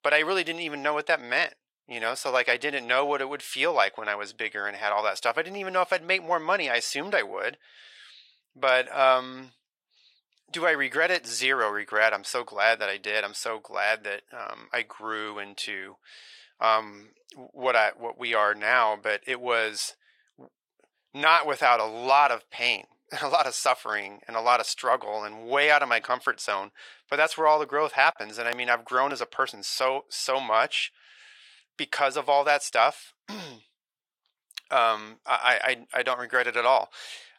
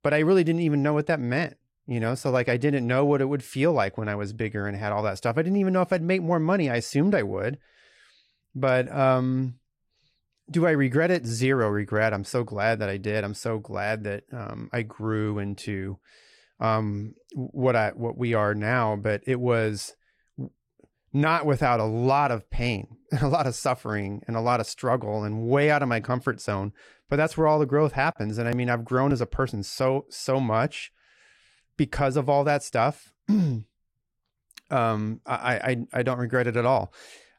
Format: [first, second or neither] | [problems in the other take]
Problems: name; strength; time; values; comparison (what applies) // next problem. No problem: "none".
second | thin; very; fading below 850 Hz